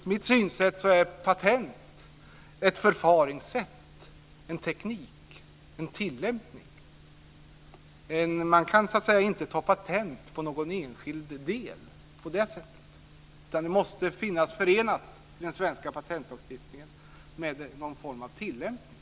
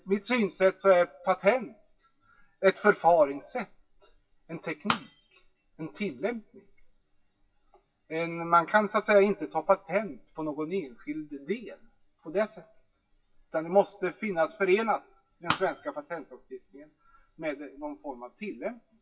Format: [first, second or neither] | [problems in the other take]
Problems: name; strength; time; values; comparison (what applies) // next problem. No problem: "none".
first | noise reduction (classical method WPE with log-MMSE)